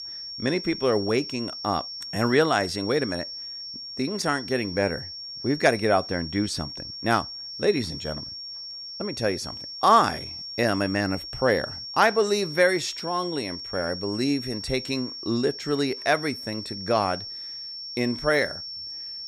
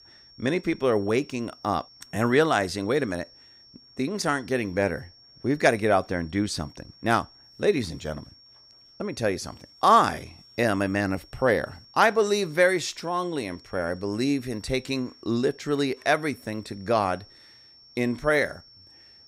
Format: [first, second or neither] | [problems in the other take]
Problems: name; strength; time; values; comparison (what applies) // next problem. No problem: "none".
second | high-pitched whine; loud; throughout; 5.5 kHz, 8 dB below the speech; faint in the second